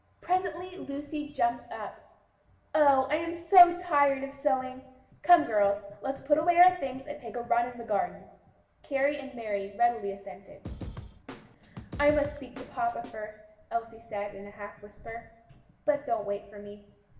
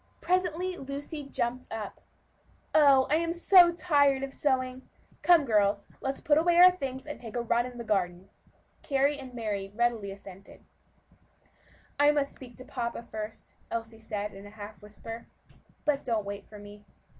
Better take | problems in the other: second | background sound (Snare drum / Drum kit); 13 dB below the speech // room echo; dies away in 0.8 s

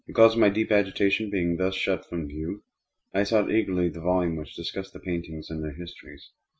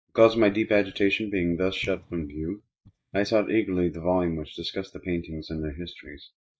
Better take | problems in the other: first | noise reduction (neural mask model DeepFilterNet 3)

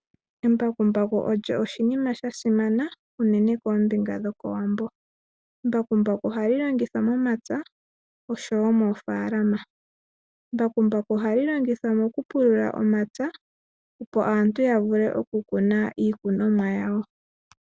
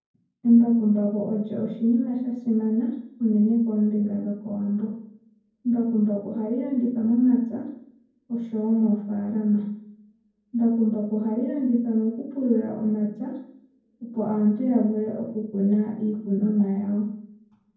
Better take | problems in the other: first | room echo; dies away in 0.9 s

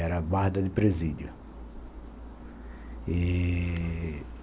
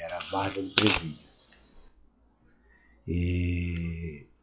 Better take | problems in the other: first | noise reduction (classical method log-MMSE)

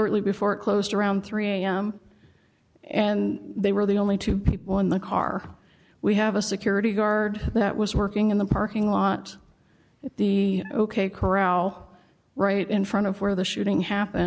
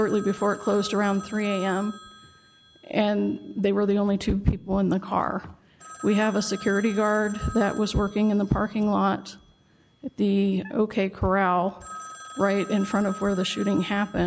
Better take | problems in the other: first | background sound (Telephone); 19 dB below the speech

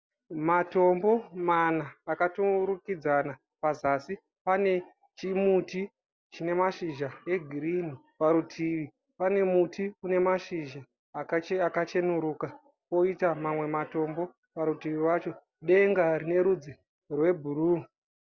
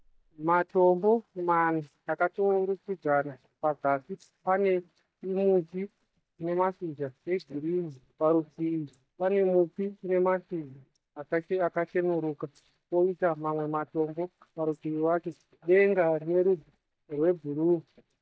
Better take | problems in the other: first | noise reduction (neural mask model DeepFilterNet 3)

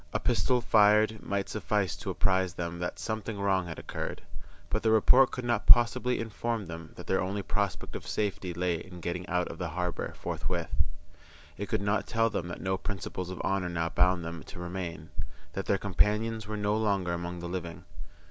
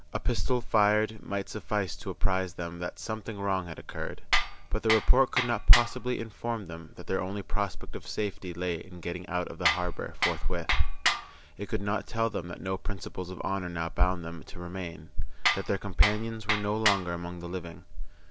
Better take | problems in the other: first | background sound (Tools); 6 dB below the speech

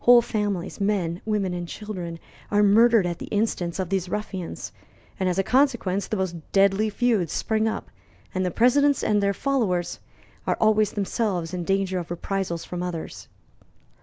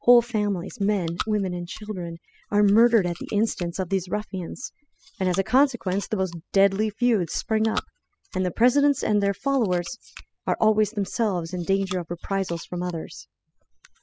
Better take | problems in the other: first | noise reduction (classical method spectral subtraction)

